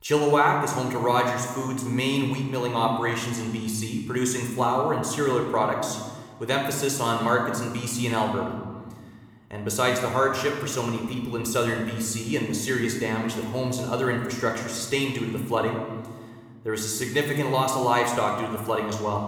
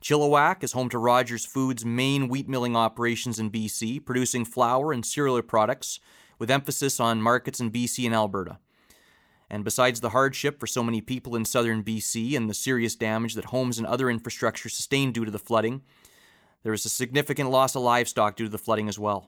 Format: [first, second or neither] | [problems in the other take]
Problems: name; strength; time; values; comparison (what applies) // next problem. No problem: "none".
second | room echo; noticeable; dies away in 1.3 s